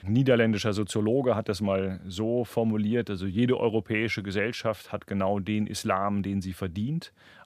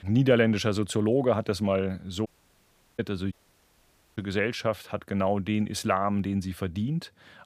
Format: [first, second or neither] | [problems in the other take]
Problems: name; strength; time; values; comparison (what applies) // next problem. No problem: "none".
first | audio cutting out; at 2.5 s for 0.5 s and at 3.5 s for 1 s